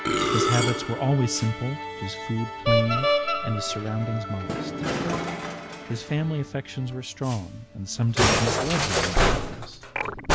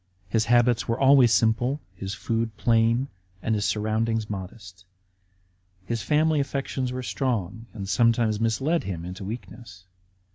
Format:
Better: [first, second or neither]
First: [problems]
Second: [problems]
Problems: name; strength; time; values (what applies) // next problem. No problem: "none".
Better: second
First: background sound (Musical instrument); 2 dB above the speech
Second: none